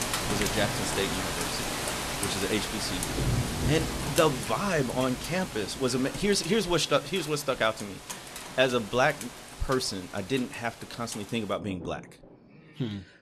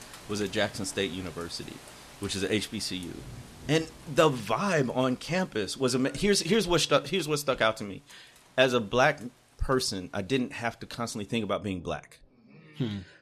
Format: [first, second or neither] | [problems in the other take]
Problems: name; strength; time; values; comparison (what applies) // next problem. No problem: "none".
second | rain or running water; loud; throughout; 4 dB below the speech; faint in the second